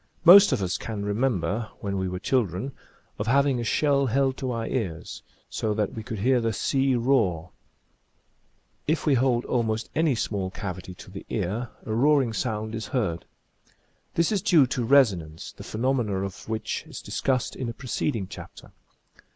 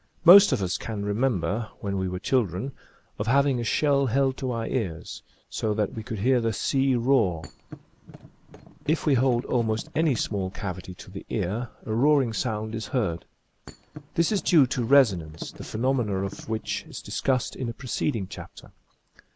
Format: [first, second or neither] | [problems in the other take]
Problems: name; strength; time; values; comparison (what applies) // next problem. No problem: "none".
first | background sound (Thump, thud); 17 dB below the speech